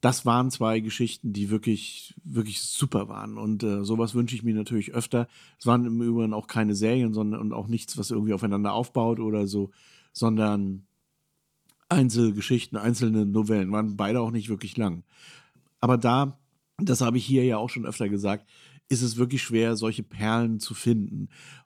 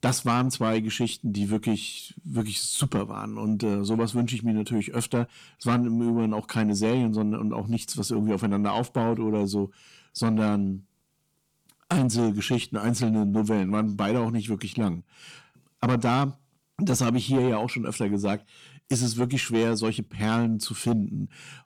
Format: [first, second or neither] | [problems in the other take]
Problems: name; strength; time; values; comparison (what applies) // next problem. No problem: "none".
first | distortion; slight; 10 dB below the speech